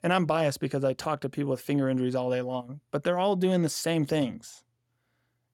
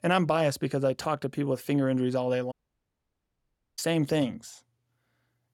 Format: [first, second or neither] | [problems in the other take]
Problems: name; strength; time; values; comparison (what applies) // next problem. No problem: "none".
first | audio cutting out; at 2.5 s for 1.5 s